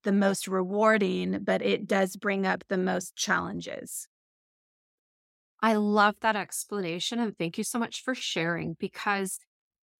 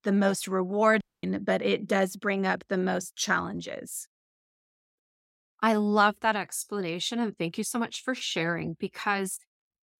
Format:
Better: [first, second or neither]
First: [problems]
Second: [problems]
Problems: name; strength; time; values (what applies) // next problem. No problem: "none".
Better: first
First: none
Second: audio cutting out; at 1 s